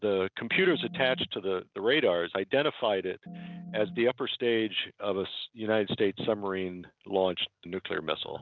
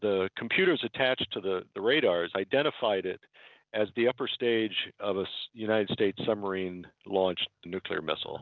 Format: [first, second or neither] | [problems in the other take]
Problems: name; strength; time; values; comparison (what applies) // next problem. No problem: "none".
second | noise reduction (neural mask model RNNoise)